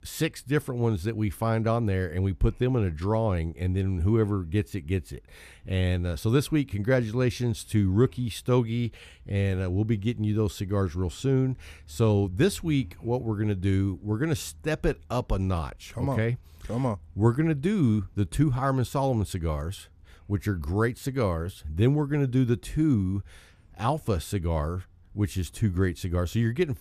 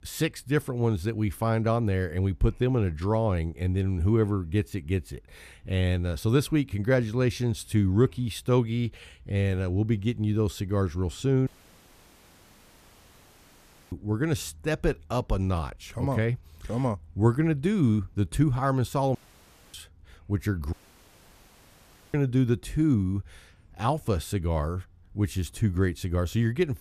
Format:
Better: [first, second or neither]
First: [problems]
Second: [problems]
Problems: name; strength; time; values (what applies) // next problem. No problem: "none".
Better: first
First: none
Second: audio cutting out; at 11 s for 2.5 s, at 19 s for 0.5 s and at 21 s for 1.5 s